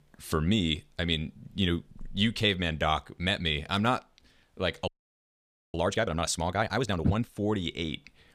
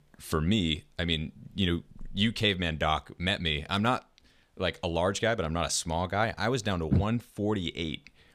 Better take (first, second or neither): second